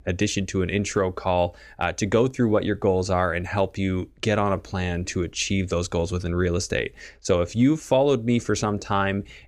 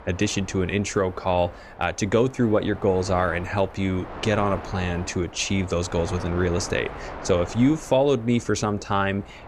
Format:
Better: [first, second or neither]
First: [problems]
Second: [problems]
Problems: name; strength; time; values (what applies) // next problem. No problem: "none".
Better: first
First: none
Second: wind noise on the microphone; occasional gusts; 15 dB below the speech